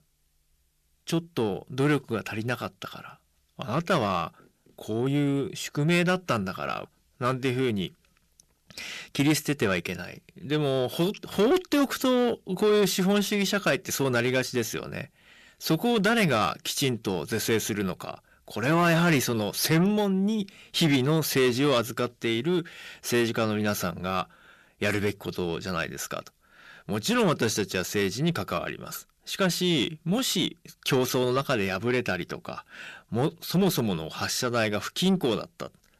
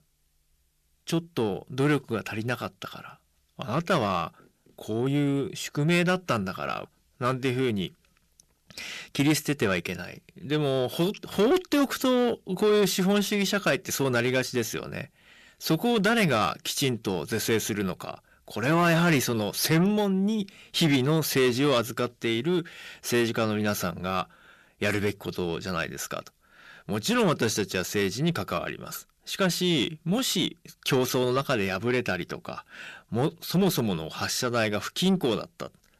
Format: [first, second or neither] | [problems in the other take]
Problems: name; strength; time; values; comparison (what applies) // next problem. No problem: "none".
neither | distortion; slight; 10 dB below the speech; the same in both